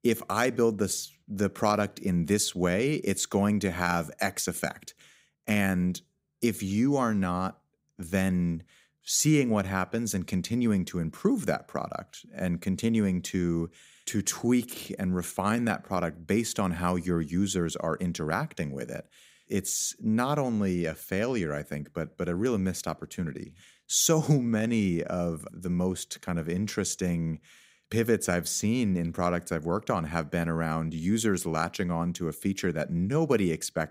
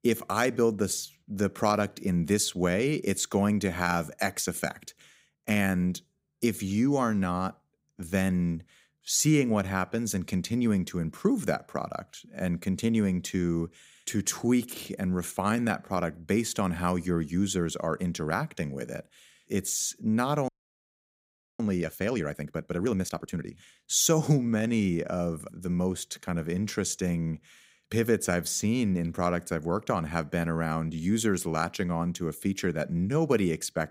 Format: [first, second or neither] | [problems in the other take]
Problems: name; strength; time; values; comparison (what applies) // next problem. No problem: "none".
first | audio freezing; at 20 s for 1 s